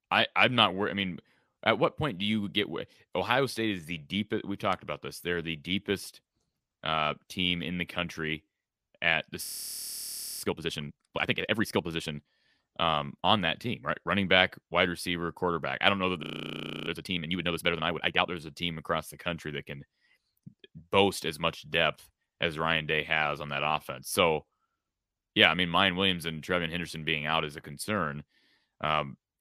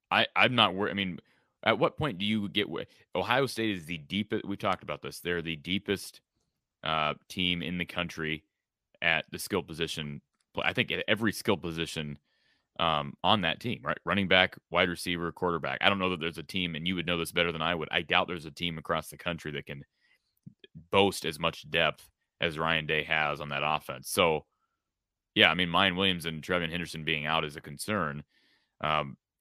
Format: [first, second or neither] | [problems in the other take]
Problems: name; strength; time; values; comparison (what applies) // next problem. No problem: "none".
second | audio freezing; at 9.5 s for 1 s and at 16 s for 0.5 s